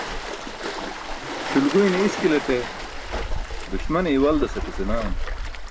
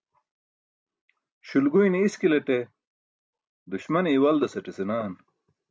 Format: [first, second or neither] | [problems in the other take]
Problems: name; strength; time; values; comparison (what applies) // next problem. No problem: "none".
second | background sound (Waves, surf); 3 dB below the speech